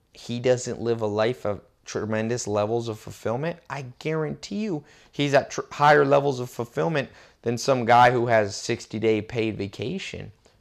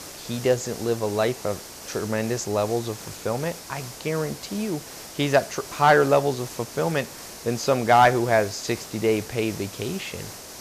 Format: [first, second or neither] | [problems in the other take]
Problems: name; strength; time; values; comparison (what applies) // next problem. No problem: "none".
first | hiss; noticeable; throughout; 15 dB below the speech